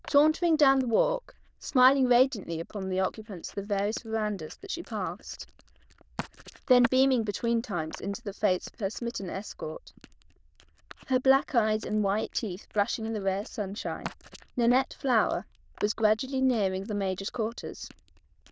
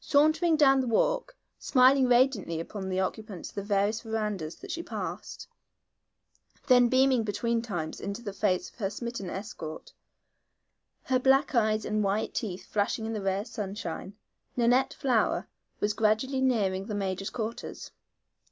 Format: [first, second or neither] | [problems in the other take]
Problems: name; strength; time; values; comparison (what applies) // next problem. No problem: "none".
second | noise reduction (neural diffusion model UNIVERSE++)